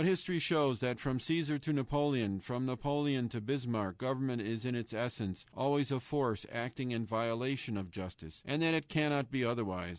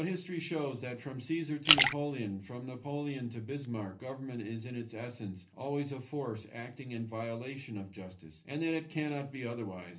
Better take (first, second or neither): first